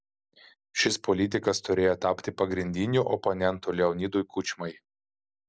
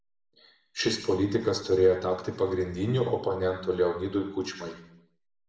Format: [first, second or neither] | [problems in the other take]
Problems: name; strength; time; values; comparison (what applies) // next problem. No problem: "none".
first | room echo; dies away in 0.7 s